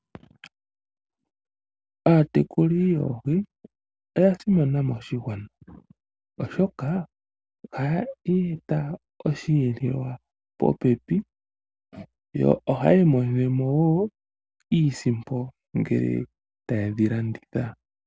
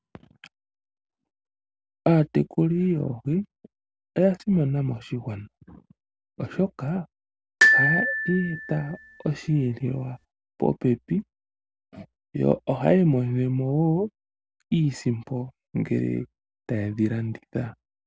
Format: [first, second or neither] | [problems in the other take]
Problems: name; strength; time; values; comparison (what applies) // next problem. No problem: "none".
first | background sound (Glockenspiel); 2 dB above the speech